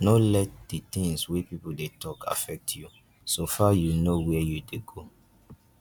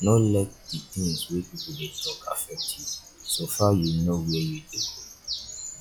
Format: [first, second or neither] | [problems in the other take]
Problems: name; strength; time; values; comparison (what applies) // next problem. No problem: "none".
first | noise reduction (classical method log-MMSE)